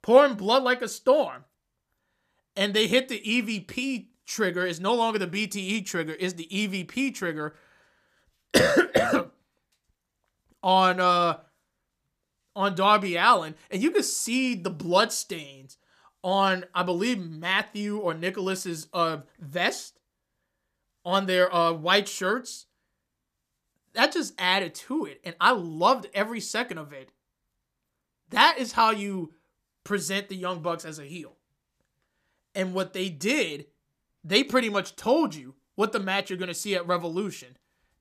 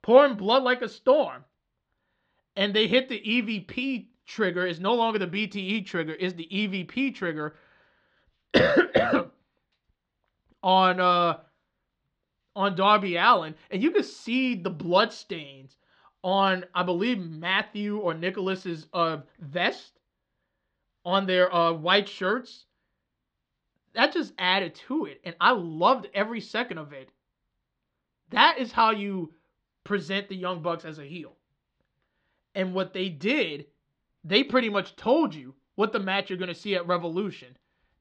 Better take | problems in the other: first | muffled; very slightly; fading above 4 kHz

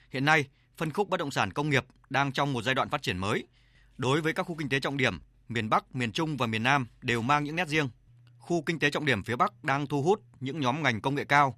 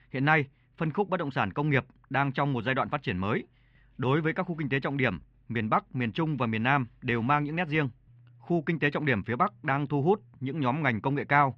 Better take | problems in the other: first | muffled; very; fading above 2.5 kHz

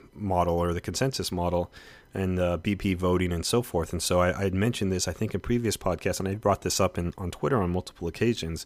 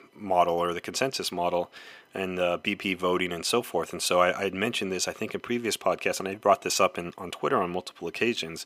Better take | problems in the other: first | thin; somewhat; fading below 250 Hz

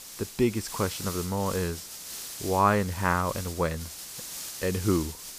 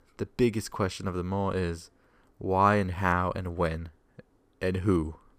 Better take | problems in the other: second | hiss; loud; throughout; 9 dB below the speech

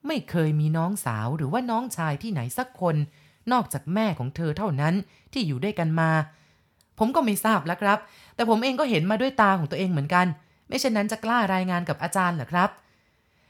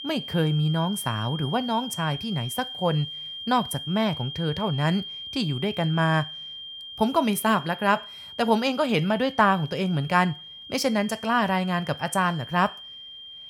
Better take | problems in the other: first | high-pitched whine; noticeable; throughout; 3 kHz, 10 dB below the speech

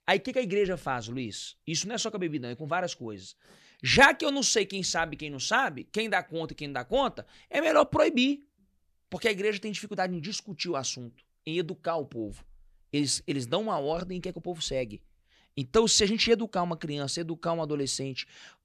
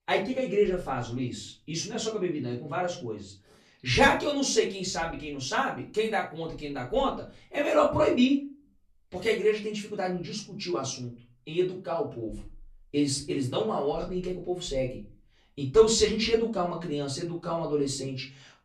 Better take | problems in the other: first | off-mic speech; far // room echo; slight; dies away in 0.3 s

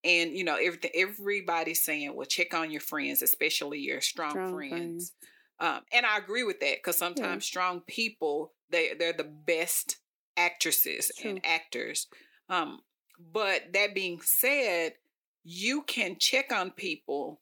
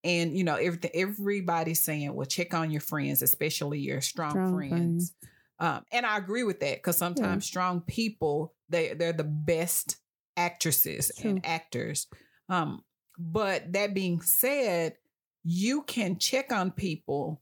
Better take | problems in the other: second | thin; somewhat; fading below 300 Hz

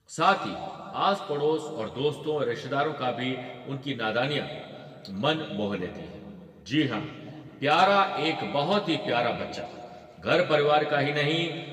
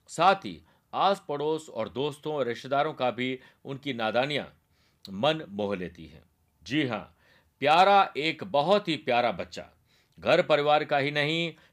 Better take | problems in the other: second | room echo; slight; dies away in 2 s // off-mic speech; somewhat distant

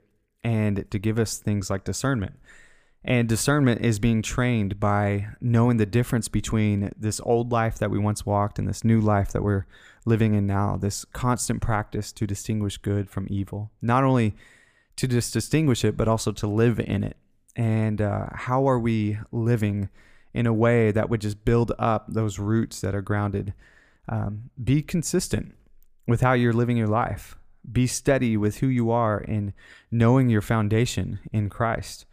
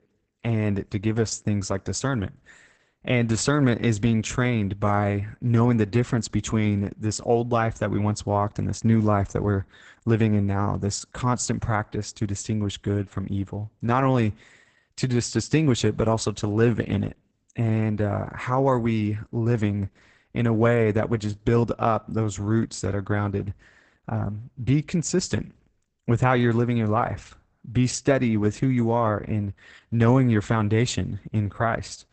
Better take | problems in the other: first | garbled, watery; badly; nothing above 8 kHz

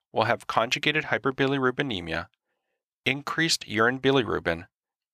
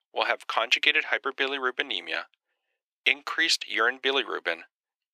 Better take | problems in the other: first | thin; somewhat; fading below 350 Hz

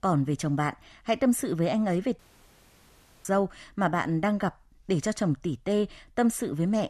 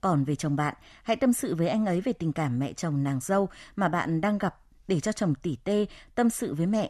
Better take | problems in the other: second | audio cutting out; at 2 s for 1 s

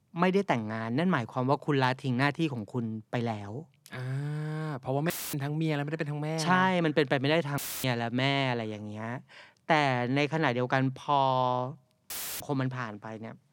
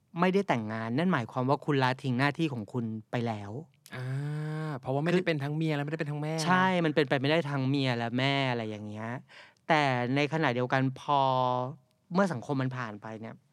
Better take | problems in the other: second | audio cutting out; filled with static; at 5 s, at 7.5 s and at 12 s

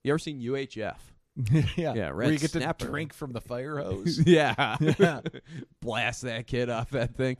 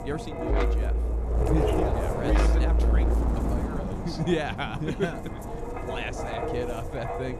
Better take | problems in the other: first | wind noise on the microphone; heavy; 2 dB above the speech

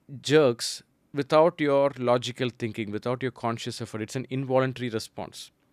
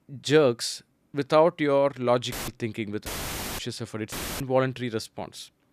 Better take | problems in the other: first | audio cutting out; filled with static; at 2.5 s, at 3 s for 0.5 s and at 4 s

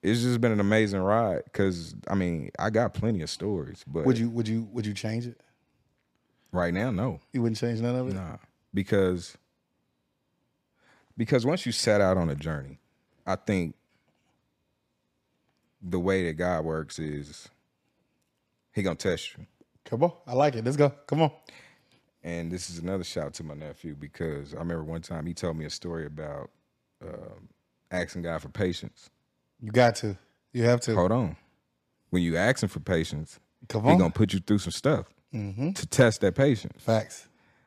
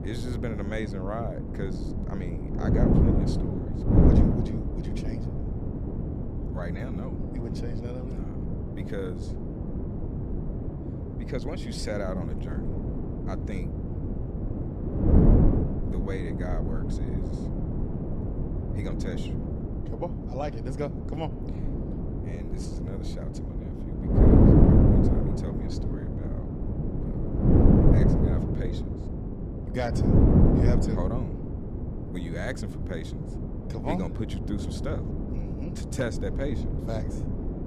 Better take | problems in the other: first | wind noise on the microphone; heavy; 4 dB above the speech

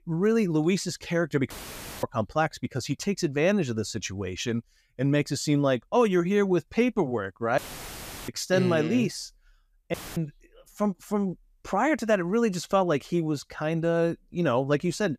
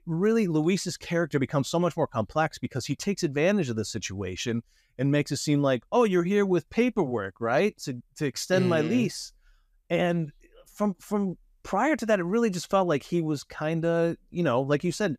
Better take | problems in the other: second | audio cutting out; filled with static; at 1.5 s for 0.5 s, at 7.5 s for 0.5 s and at 10 s

